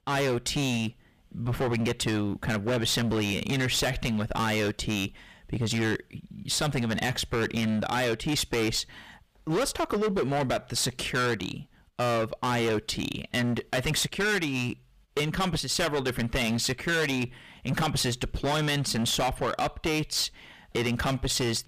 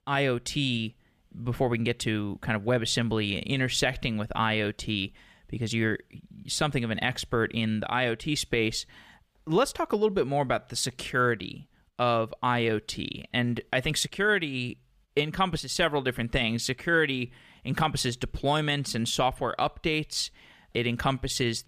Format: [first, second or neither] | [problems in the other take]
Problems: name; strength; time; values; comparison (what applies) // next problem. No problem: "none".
second | distortion; heavy; 19% of the sound clipped